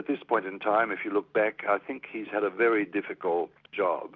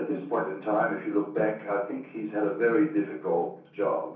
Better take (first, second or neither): first